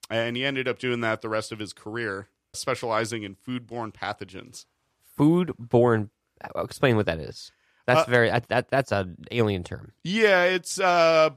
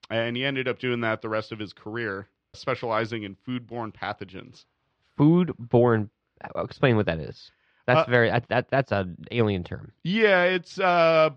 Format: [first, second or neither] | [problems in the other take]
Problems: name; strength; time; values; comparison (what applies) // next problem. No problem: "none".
first | muffled; very slightly; fading above 4 kHz